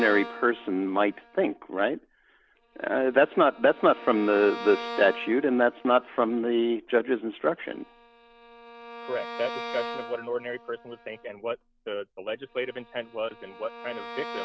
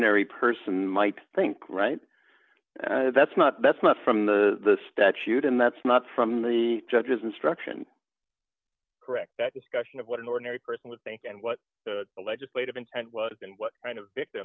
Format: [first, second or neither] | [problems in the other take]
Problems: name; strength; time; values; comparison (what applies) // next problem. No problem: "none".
second | background sound (Bowed string instrument); 14 dB below the speech